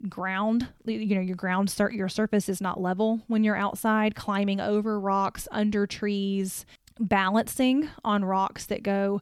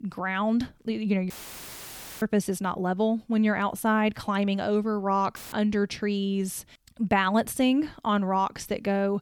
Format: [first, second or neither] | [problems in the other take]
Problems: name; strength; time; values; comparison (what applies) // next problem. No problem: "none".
first | audio cutting out; filled with static; at 1.5 s for 1 s and at 5.5 s